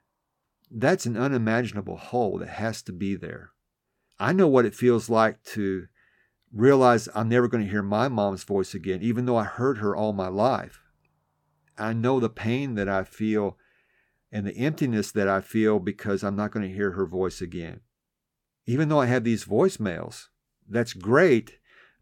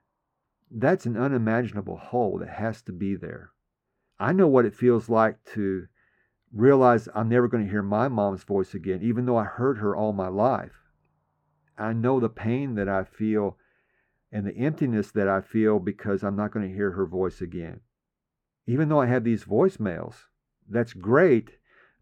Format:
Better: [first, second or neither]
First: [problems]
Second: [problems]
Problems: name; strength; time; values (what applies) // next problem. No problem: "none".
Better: first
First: none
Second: muffled; slightly; fading above 2.5 kHz